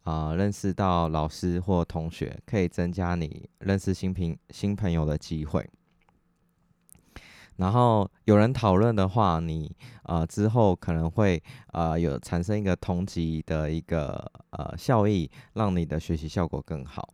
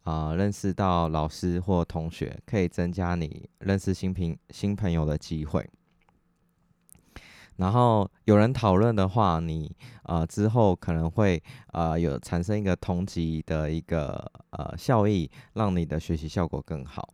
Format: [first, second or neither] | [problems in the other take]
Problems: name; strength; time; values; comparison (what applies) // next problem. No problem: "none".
neither | none